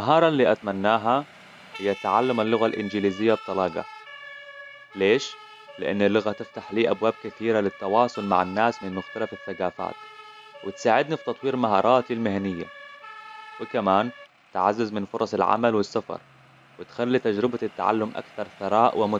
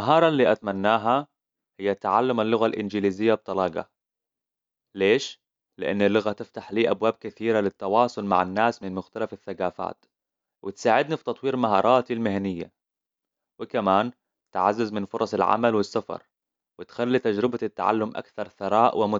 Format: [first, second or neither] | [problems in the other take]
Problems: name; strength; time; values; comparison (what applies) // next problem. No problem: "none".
second | background sound (Siren); 19 dB below the speech